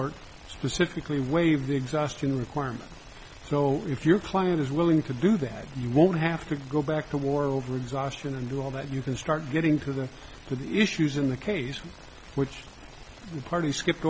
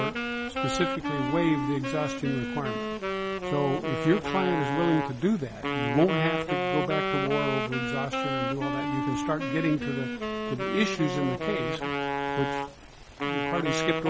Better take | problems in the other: first | background sound (Wind instrument, woodwind instrument); 1 dB below the speech

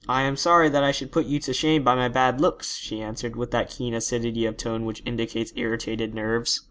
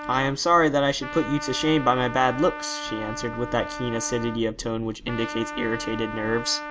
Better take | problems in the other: first | background sound (Trumpet); 10 dB below the speech

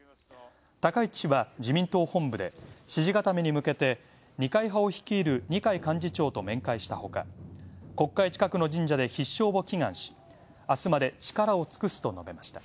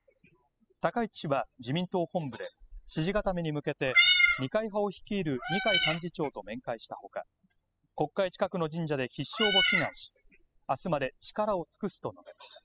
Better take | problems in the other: first | noise reduction (classical method spectral subtraction)

